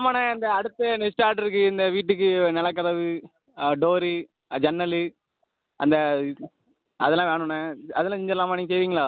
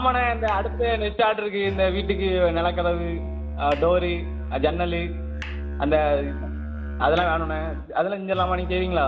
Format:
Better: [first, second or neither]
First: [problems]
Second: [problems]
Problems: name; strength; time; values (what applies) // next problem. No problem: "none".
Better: first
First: none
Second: background sound (Musical instrument); 6 dB below the speech // room echo; dies away in 1.6 s